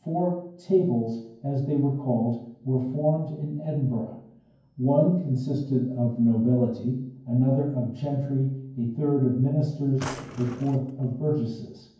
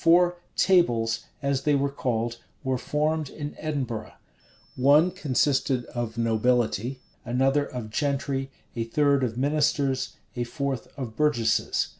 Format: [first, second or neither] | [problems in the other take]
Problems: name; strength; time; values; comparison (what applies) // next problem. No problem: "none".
second | background sound (Drawer open or close); 13 dB below the speech // room echo; dies away in 0.9 s